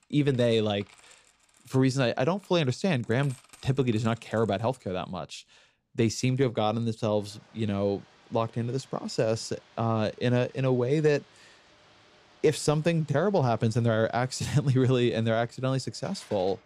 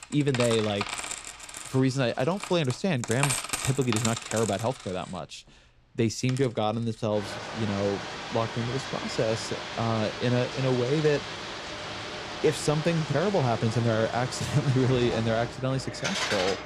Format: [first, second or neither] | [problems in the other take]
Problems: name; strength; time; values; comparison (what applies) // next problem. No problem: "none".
first | household noises; loud; throughout; 6 dB below the speech; faint in the first